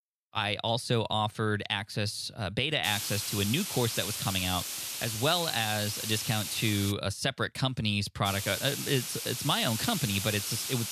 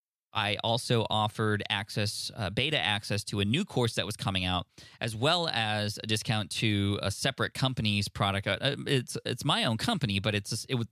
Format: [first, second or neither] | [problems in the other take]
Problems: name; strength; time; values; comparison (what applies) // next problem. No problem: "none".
second | hiss; loud; from 3 to 7 s and from 8.5 s on; 4 dB below the speech